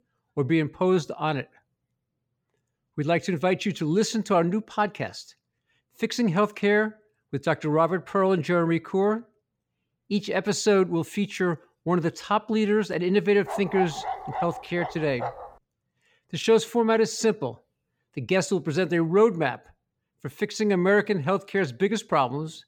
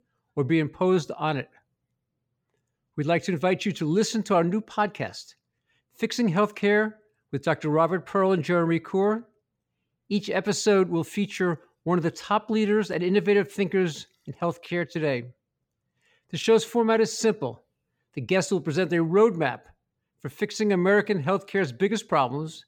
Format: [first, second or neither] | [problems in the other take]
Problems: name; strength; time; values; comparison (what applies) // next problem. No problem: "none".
second | dog barking; noticeable; from 13 to 15 s; peak 6 dB below the speech